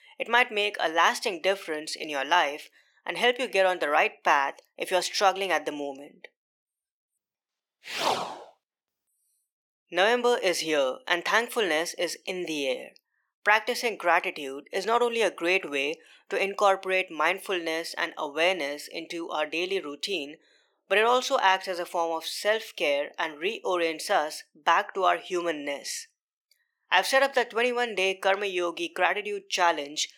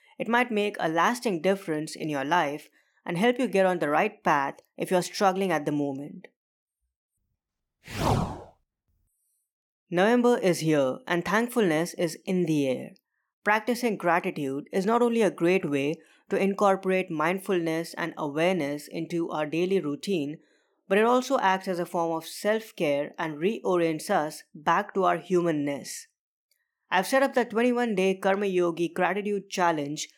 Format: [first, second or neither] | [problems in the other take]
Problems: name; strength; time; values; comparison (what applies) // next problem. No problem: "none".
second | thin; somewhat; fading below 500 Hz